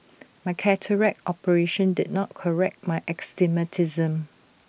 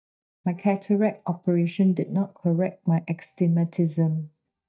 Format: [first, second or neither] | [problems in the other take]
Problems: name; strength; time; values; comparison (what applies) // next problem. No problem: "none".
first | noise reduction (neural mask model DeepFilterNet 3)